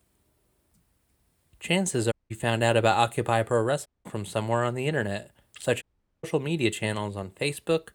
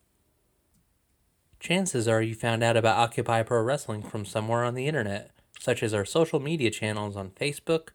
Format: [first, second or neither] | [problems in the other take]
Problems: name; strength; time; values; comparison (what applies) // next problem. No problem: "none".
second | audio cutting out; at 2 s, at 4 s and at 6 s